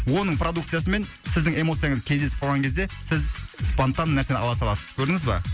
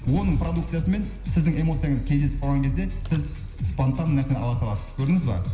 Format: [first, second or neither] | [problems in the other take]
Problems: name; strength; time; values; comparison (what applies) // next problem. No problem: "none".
first | background sound (Rattle / Engine starting / Car); 7 dB below the speech // room echo; dies away in 0.9 s